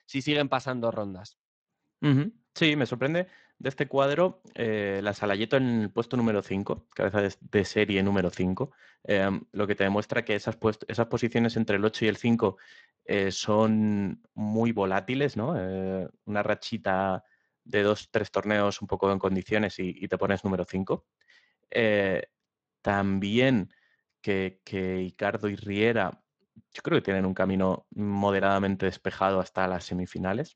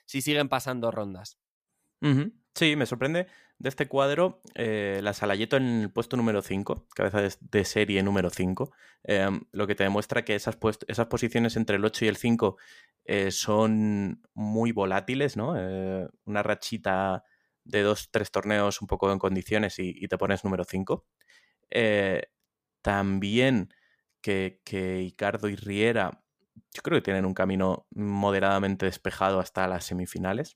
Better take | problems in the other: second | garbled, watery; slightly

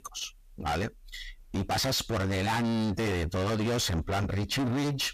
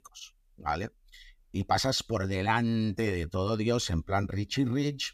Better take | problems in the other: second | distortion; heavy; 5 dB below the speech

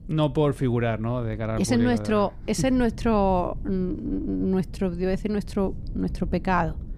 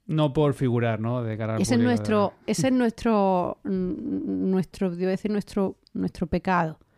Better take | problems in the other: second | wind noise on the microphone; occasional gusts; 25 dB below the speech

